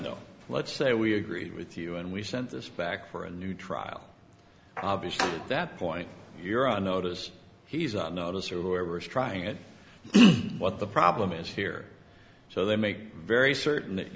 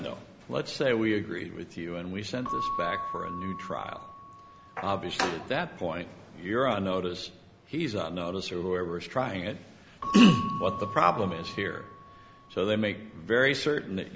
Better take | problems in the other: first | background sound (Keyboard (musical) / Bell); 11 dB below the speech

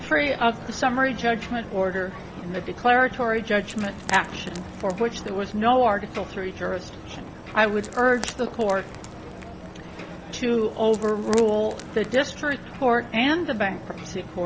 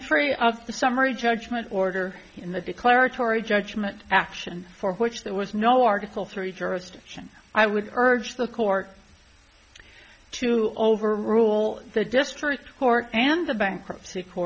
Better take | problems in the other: second | background sound (Wood + Ocean); 13 dB below the speech

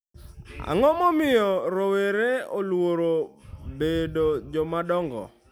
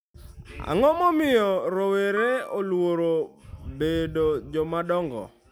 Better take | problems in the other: first | background sound (Piano); 15 dB below the speech

